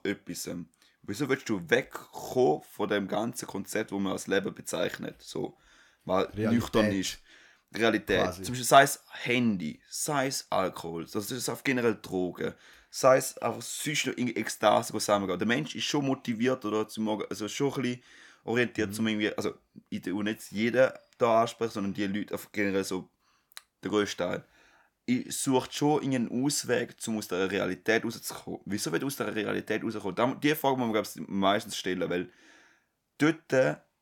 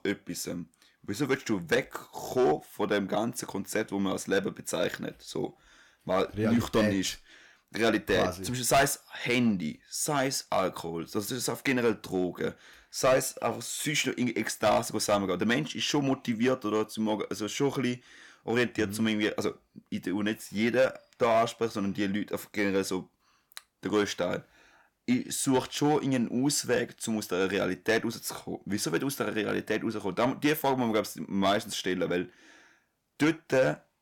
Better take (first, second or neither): first